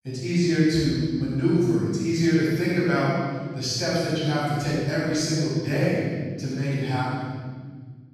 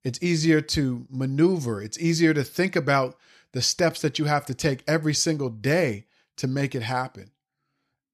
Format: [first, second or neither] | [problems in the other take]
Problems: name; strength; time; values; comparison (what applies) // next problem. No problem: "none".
second | off-mic speech; far // room echo; strong; dies away in 2 s